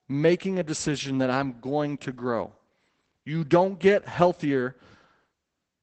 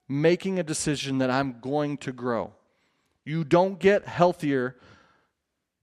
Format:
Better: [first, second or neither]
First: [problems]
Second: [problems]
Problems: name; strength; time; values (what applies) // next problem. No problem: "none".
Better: second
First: garbled, watery; badly; nothing above 8 kHz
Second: none